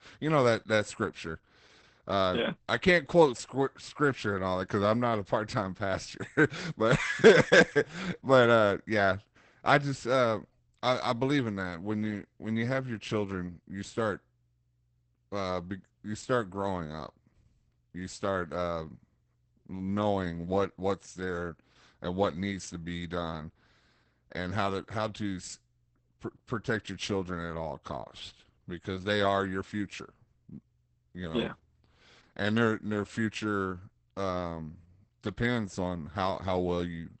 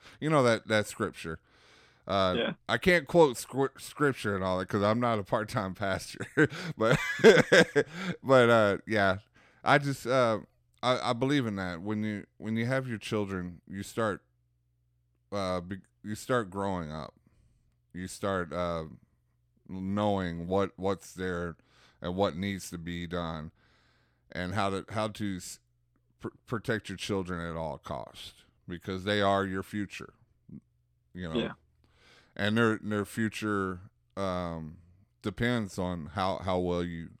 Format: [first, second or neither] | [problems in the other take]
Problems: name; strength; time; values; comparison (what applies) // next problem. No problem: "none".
second | garbled, watery; badly; nothing above 8 kHz